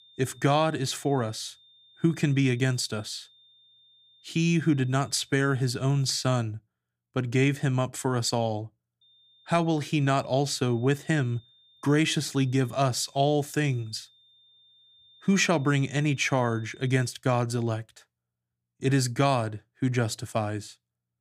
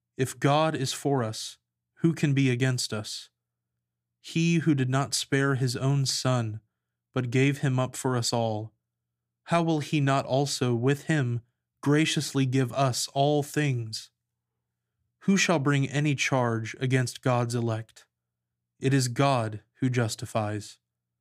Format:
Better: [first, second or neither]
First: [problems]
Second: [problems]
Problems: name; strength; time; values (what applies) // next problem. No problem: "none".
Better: second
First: high-pitched whine; faint; until 6.5 s and from 9 to 17 s; 3.5 kHz, 30 dB below the speech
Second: none